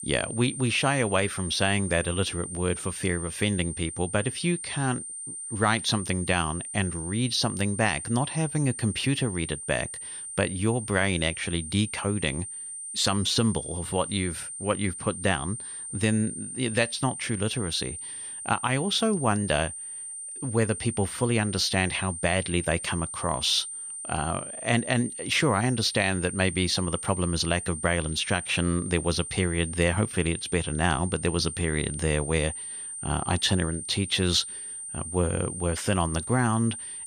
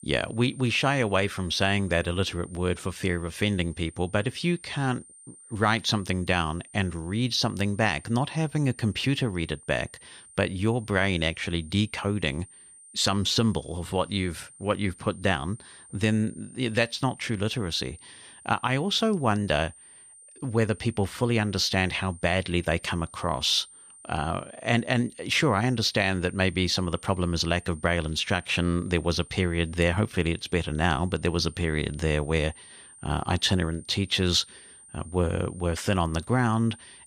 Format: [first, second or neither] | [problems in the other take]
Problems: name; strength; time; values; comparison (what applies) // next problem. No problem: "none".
second | high-pitched whine; loud; throughout; 9 kHz, 8 dB below the speech; faint in the second